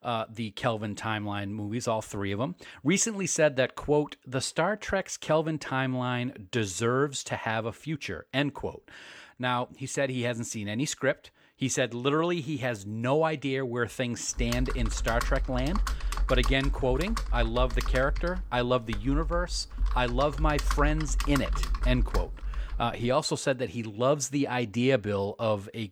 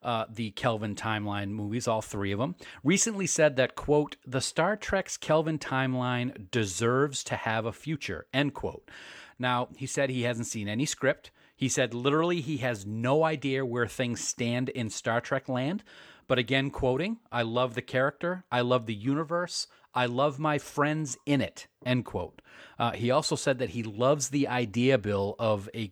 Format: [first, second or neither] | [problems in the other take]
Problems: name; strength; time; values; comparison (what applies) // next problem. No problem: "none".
second | keyboard typing; noticeable; from 14 to 23 s; peak 1 dB below the speech